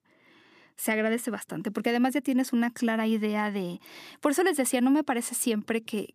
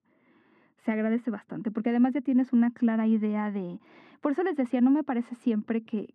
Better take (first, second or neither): first